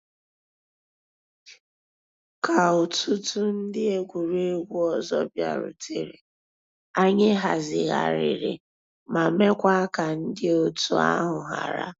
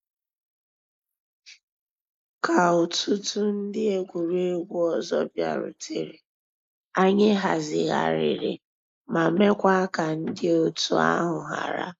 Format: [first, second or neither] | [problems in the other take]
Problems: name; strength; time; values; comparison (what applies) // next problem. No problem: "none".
first | noise reduction (neural mask model Resemble Enhance denoiser)